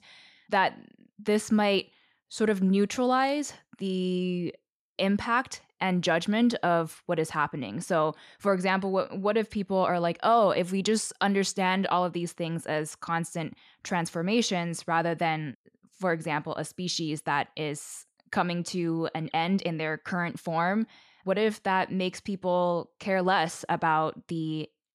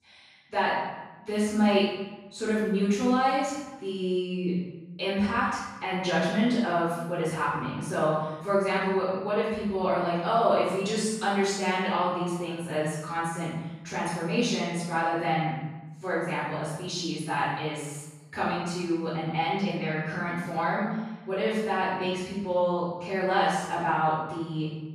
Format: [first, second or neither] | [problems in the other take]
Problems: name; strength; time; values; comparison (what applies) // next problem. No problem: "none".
first | off-mic speech; far // room echo; strong; dies away in 0.9 s